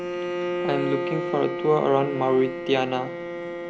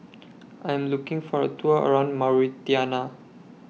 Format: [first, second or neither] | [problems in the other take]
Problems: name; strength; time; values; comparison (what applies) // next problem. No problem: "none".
second | background sound (Bowed string instrument); 4 dB below the speech